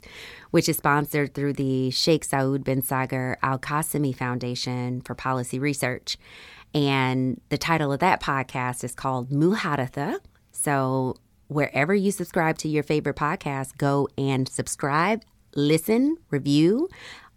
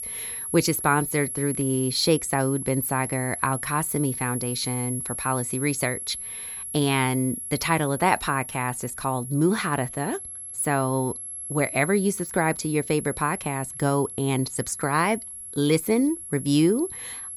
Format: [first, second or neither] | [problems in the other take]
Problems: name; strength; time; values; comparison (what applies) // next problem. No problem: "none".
first | high-pitched whine; loud; throughout; 11 kHz, 7 dB below the speech